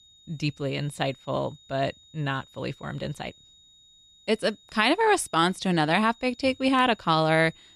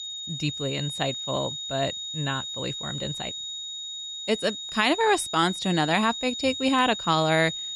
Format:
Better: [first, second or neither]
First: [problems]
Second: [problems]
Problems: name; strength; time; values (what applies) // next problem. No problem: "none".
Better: first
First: high-pitched whine; faint; throughout; 4 kHz, 25 dB below the speech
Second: high-pitched whine; loud; throughout; 4 kHz, 6 dB below the speech